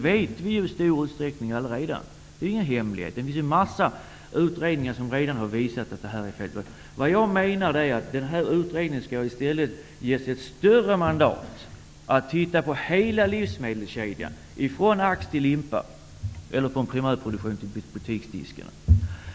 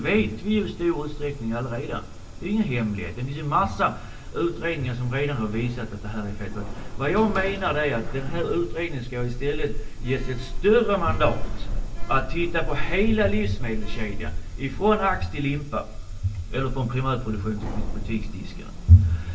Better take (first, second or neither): first